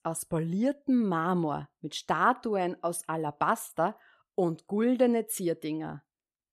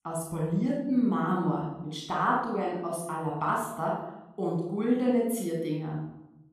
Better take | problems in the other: first | off-mic speech; far // room echo; noticeable; dies away in 0.8 s

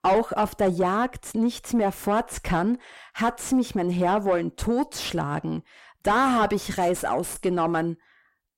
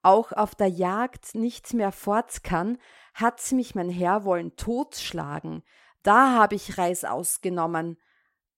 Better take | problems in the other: second | distortion; heavy; 5 dB below the speech

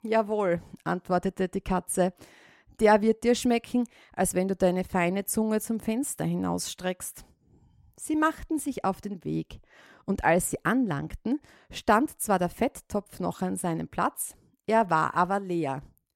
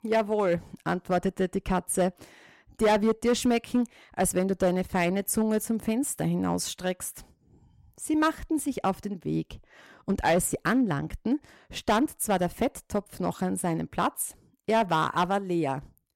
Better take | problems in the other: first | distortion; slight; 4% of the sound clipped

